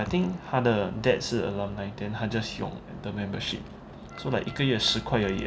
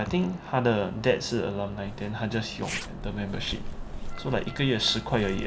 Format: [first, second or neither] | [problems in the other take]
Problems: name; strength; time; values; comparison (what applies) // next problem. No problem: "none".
first | background sound (Zipper (clothing)); 10 dB below the speech